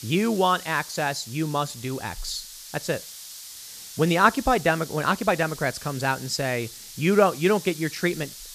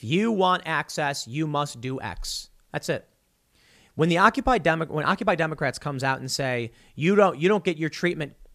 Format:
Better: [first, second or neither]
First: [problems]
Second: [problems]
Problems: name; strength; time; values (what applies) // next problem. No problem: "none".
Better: second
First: hiss; noticeable; throughout; 15 dB below the speech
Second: none